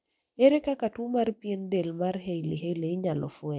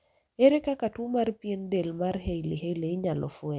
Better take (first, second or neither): second